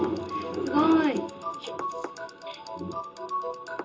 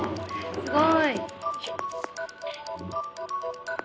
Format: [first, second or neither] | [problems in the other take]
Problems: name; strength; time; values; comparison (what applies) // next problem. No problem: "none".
second | room echo; dies away in 0.2 s